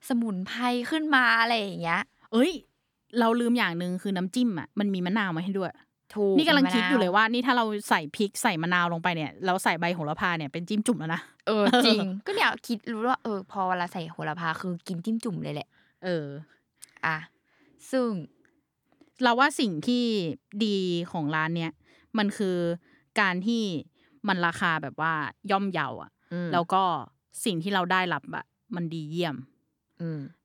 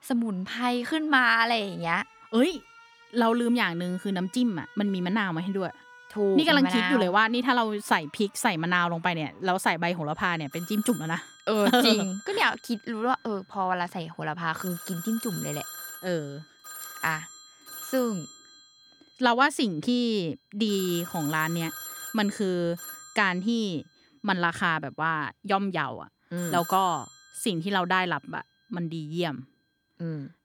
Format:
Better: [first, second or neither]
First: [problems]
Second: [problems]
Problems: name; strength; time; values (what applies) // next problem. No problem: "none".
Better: first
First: none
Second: alarms or sirens; noticeable; throughout; 15 dB below the speech